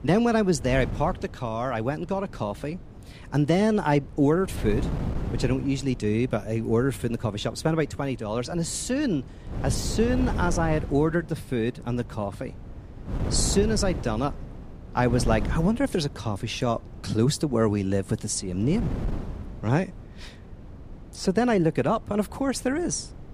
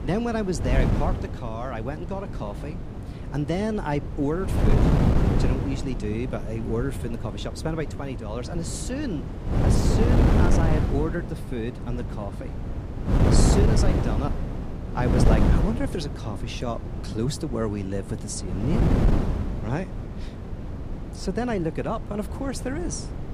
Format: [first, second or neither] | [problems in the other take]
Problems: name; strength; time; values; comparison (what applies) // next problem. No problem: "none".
first | wind noise on the microphone; heavy; 2 dB below the speech; occasional gusts in the first